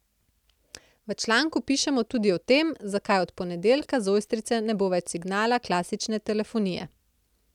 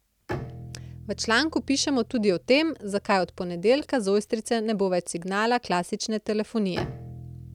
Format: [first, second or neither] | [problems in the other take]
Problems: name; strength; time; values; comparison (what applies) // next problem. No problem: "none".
first | background sound (Bowed string instrument); 16 dB below the speech